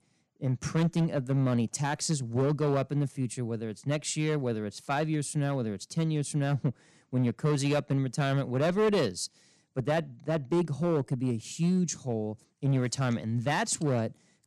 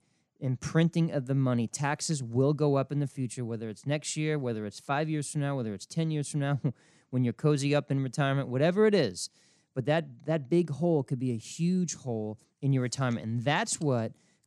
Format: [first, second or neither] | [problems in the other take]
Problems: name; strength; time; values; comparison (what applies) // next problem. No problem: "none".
second | distortion; slight; 6% of the sound clipped